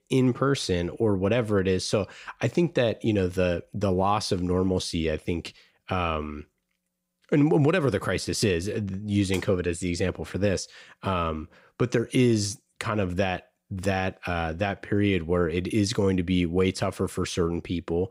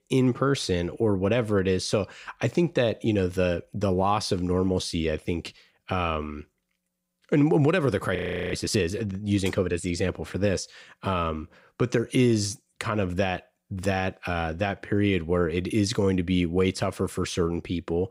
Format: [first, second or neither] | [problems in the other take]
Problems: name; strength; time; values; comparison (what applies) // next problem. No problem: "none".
first | audio freezing; at 8 s